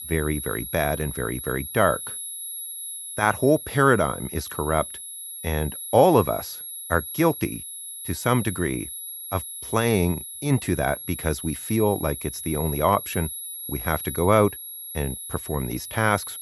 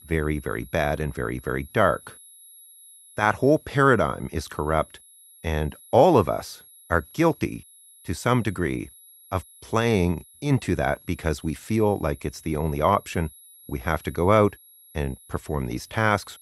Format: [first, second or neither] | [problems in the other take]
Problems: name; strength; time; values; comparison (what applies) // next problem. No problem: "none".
second | high-pitched whine; loud; throughout; 11 kHz, 8 dB below the speech; faint in the second